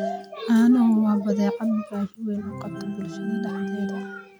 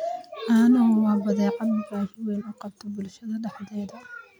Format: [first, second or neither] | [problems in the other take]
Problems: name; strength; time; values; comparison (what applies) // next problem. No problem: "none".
second | background sound (Organ); 11 dB below the speech